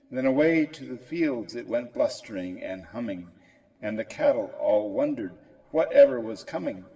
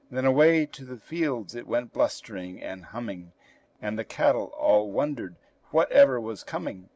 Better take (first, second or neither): second